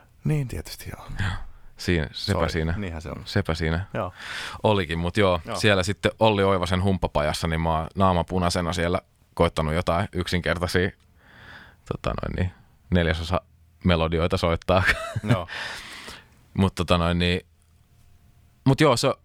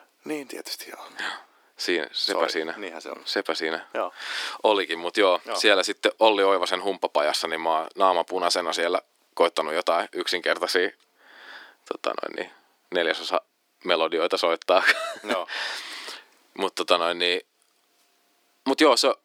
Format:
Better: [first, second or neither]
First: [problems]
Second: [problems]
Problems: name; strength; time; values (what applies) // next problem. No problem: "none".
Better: first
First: none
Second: thin; very; fading below 300 Hz